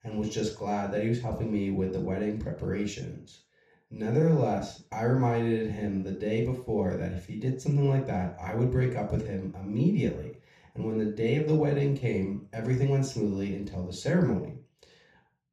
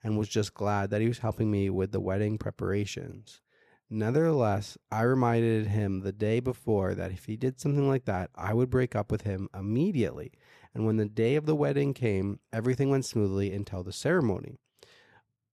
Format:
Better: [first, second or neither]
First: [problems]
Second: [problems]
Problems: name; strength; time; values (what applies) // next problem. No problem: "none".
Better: second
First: room echo; noticeable; dies away in 0.4 s // off-mic speech; far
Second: none